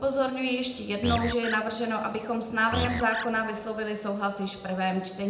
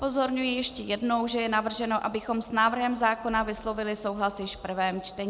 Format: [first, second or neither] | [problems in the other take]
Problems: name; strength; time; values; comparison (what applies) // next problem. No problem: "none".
second | background sound (Animal); 5 dB below the speech // room echo; dies away in 0.7 s